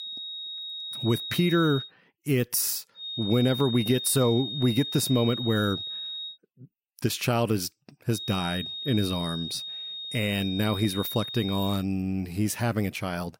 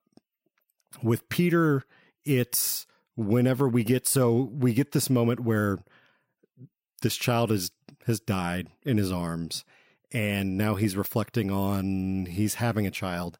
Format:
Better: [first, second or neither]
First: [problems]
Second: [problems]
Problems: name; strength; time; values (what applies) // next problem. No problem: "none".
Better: second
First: high-pitched whine; loud; until 2 s, from 3 to 6.5 s and from 8 to 12 s; 3.5 kHz, 6 dB below the speech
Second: none